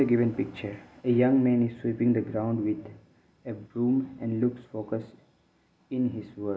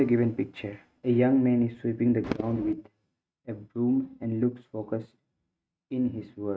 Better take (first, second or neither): first